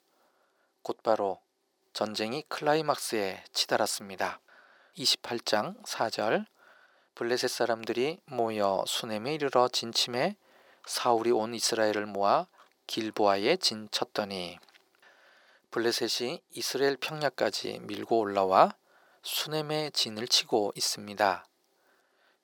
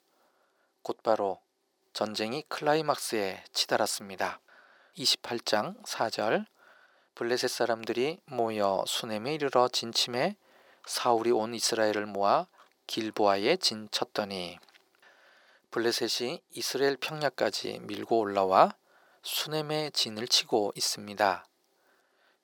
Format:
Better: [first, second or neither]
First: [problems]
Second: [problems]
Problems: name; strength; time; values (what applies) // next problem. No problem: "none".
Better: neither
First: thin; very; fading below 350 Hz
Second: thin; very; fading below 350 Hz